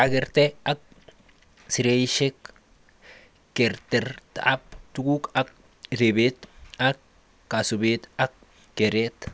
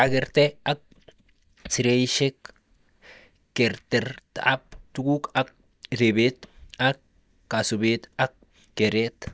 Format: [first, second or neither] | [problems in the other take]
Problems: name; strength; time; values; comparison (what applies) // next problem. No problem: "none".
first | noise reduction (neural mask model DeepFilterNet 3)